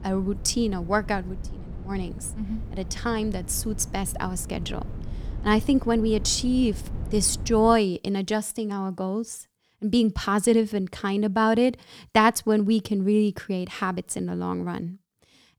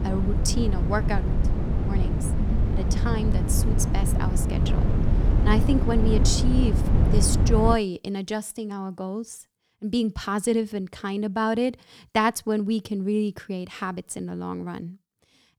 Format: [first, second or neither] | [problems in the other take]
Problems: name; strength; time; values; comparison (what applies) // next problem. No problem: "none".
first | wind noise on the microphone; heavy; until 7.5 s; 6 dB below the speech; occasional gusts in the first